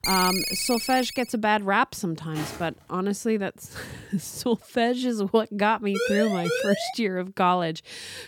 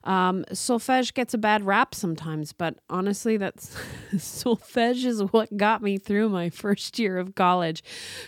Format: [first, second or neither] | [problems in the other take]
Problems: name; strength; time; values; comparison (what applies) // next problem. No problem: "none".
second | phone ringing; loud; until 1 s; peak 2 dB above the speech // footsteps; faint; at 2.5 s; peak 10 dB below the speech // siren; noticeable; at 6 s; peak 1 dB below the speech